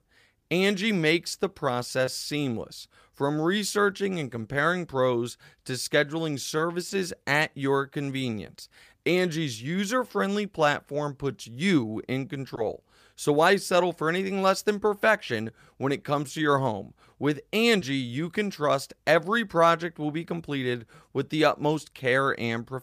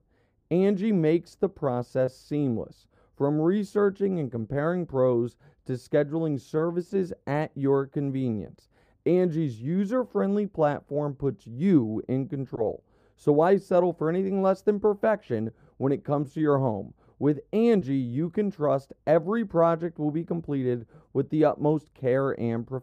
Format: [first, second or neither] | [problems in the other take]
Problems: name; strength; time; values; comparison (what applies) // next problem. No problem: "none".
first | muffled; very; fading above 1.5 kHz